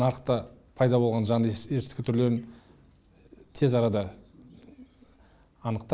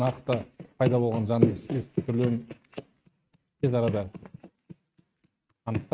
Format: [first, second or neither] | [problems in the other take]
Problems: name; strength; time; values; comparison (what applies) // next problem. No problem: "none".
first | noise reduction (neural mask model RNNoise)